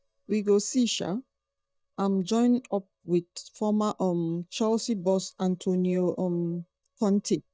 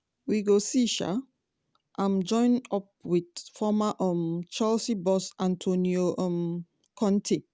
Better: second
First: noise reduction (neural mask model DeepFilterNet 3)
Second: none

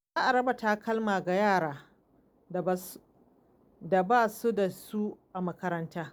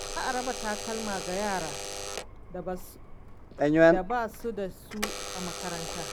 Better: first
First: none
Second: background sound (Alarm / Door); 5 dB above the speech

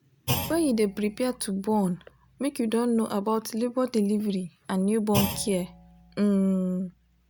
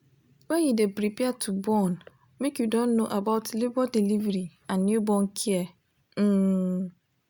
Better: second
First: background sound (Thump, thud); 11 dB below the speech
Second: none

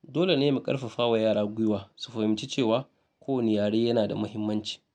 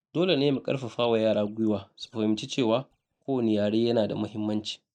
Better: first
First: none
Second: noise reduction (neural mask model DeepFilterNet 3)

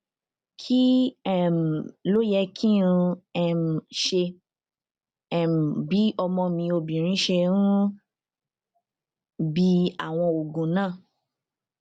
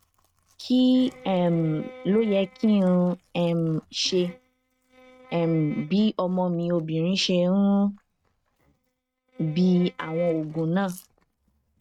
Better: first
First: none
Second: noise reduction (neural mask model RNNoise)

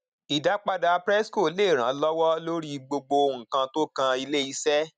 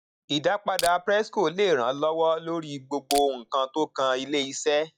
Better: first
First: none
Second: noise reduction (classical method log-MMSE)

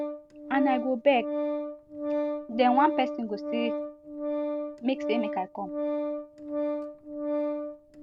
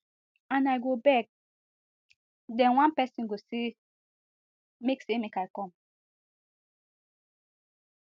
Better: second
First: background sound (Organ); 2 dB below the speech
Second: none

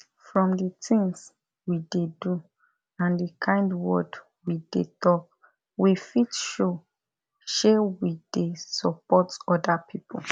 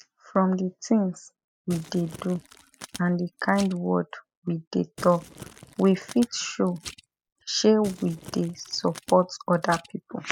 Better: first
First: none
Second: noise reduction (classical method spectral subtraction)

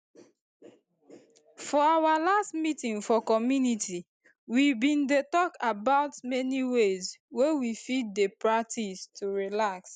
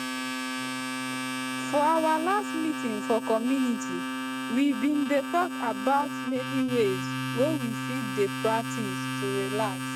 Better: first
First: none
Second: noise reduction (neural mask model RNNoise)

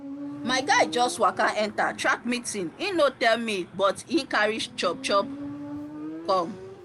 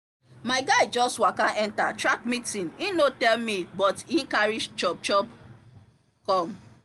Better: second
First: background sound (Motorcycle); 14 dB below the speech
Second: none

